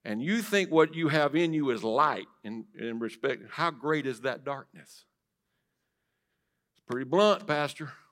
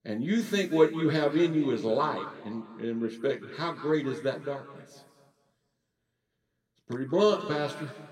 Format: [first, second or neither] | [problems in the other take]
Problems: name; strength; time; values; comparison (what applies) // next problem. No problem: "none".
first | room echo; noticeable; dies away in 1.4 s // off-mic speech; far